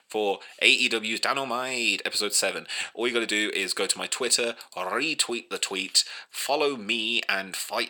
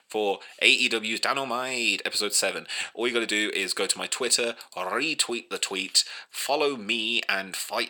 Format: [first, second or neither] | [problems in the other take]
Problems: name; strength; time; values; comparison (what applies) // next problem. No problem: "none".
neither | thin; somewhat; fading below 400 Hz; the same in both